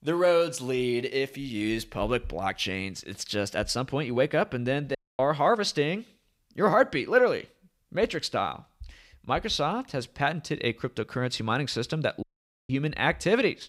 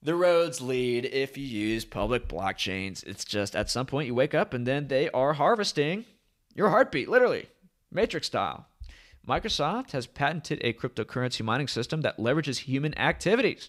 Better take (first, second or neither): second